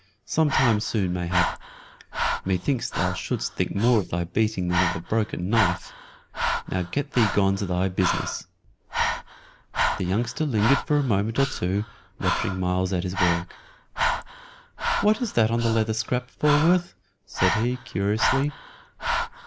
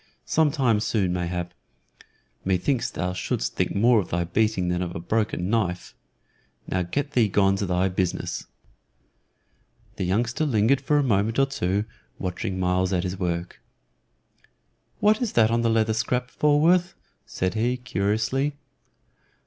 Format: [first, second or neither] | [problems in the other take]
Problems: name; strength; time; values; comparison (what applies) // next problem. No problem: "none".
second | noise reduction (neural mask model Resemble Enhance denoiser)